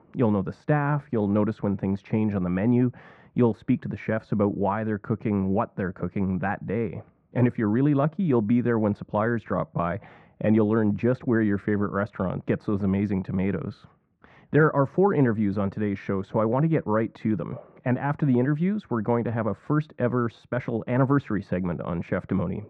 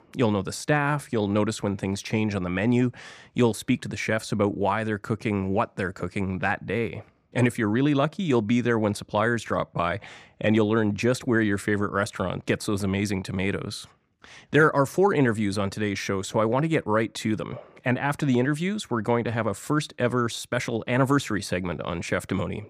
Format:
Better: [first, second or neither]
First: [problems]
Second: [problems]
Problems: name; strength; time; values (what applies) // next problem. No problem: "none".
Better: second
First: muffled; very; fading above 1.5 kHz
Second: none